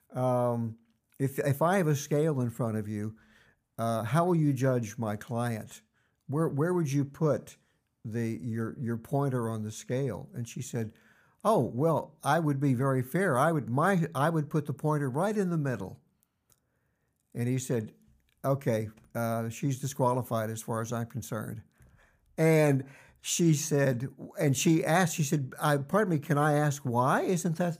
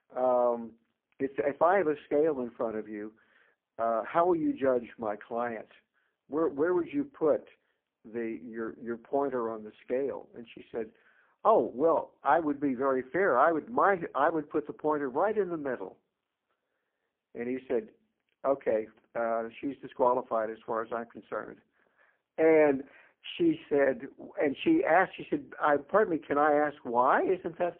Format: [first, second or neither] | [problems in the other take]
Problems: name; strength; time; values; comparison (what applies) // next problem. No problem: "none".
first | phone-call audio; poor line; nothing above 3 kHz